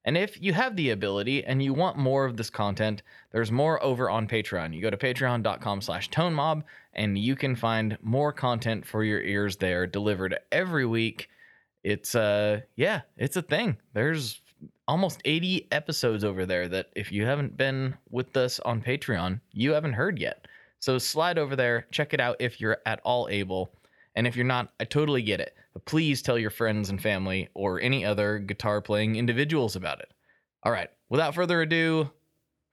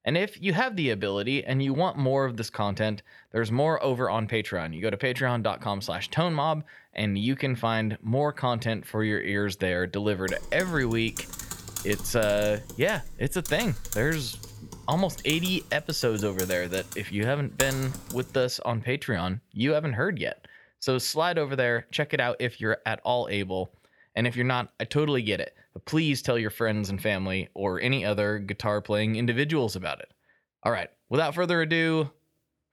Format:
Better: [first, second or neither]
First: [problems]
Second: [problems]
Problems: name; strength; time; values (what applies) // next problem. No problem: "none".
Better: first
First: none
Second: keyboard typing; noticeable; from 10 to 18 s; peak 4 dB below the speech